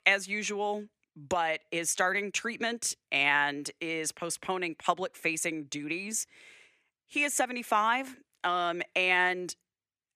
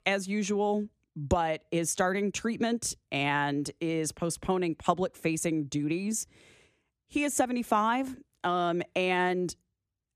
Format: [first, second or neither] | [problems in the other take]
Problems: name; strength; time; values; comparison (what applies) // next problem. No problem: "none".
second | thin; somewhat; fading below 700 Hz